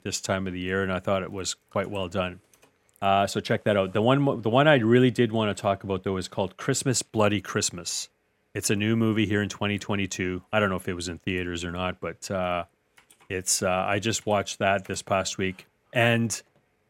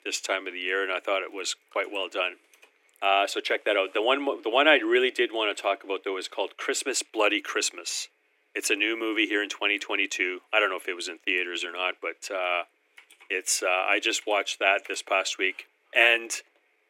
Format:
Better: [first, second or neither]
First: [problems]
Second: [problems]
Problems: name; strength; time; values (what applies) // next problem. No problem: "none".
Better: first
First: none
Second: thin; very; fading below 300 Hz